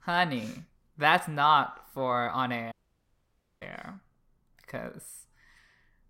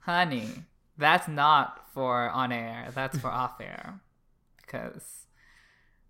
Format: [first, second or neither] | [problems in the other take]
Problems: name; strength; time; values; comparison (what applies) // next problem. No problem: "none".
second | audio cutting out; at 2.5 s for 1 s